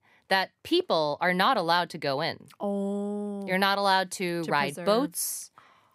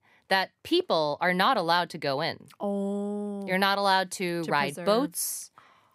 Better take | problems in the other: neither | none

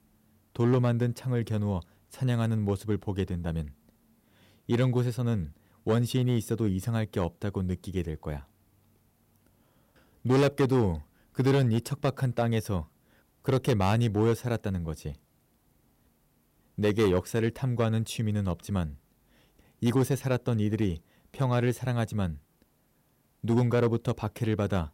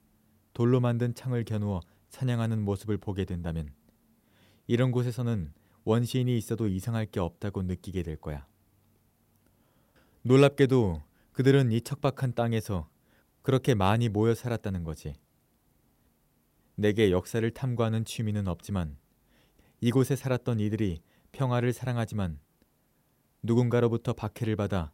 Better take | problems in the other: second | distortion; slight; 3% of the sound clipped

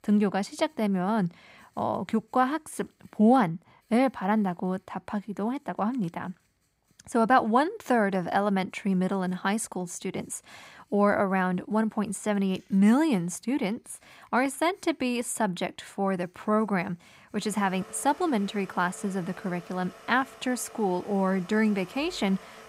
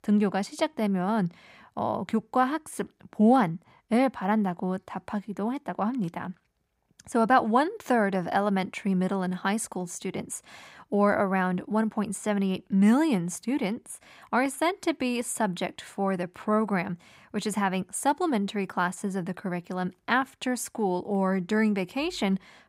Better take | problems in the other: second | household noises; faint; throughout; 20 dB below the speech

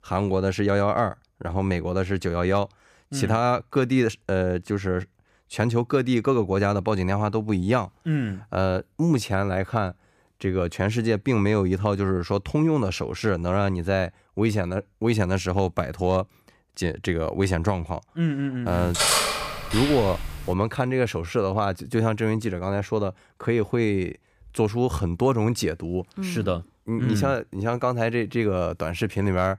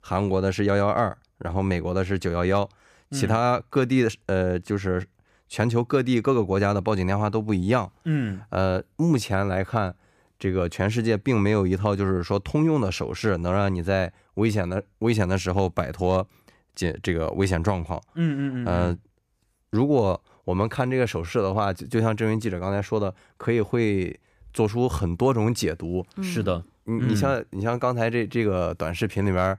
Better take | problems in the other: second | clattering dishes; loud; from 19 to 21 s; peak 6 dB above the speech

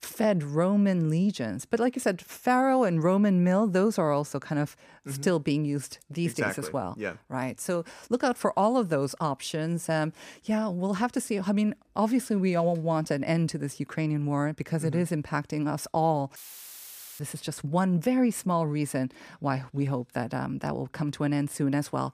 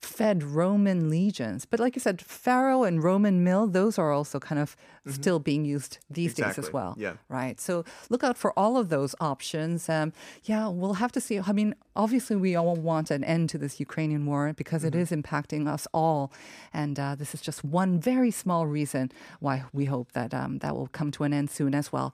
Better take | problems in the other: second | audio cutting out; filled with static; at 16 s for 1 s

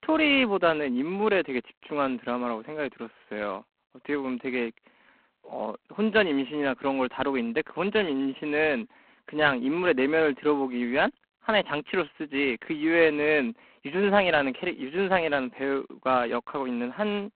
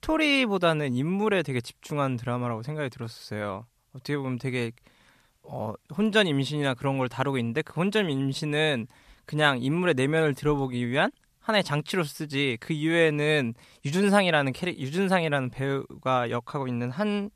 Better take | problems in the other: second | phone-call audio; poor line

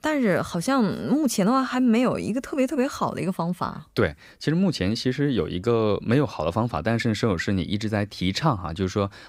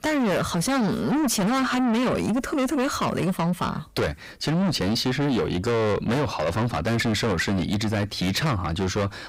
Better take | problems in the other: first | distortion; heavy; 5 dB below the speech

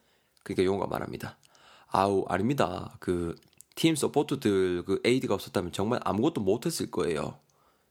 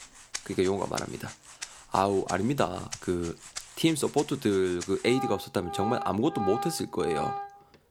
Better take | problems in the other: first | background music; loud; throughout; 10 dB below the speech

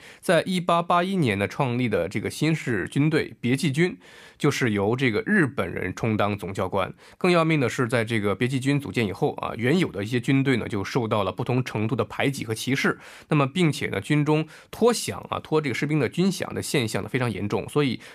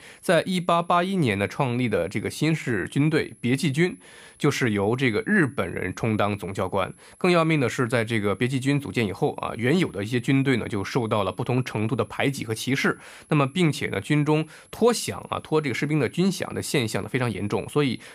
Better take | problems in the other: first | high-pitched whine; faint; throughout; 11 kHz, 30 dB below the speech

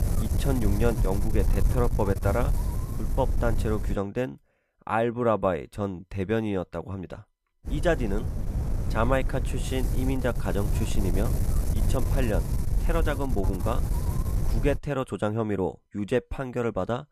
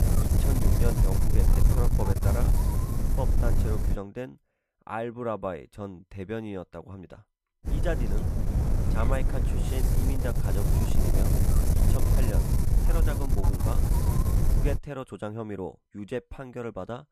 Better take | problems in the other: first | wind noise on the microphone; heavy; until 4 s and from 7.5 to 15 s; as loud as the speech; occasional gusts in the first

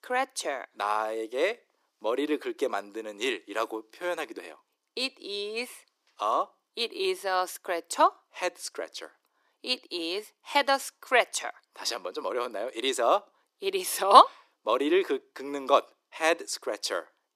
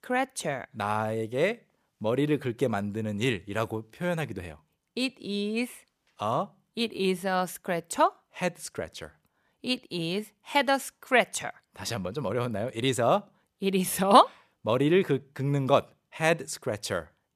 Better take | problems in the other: second | thin; somewhat; fading below 300 Hz

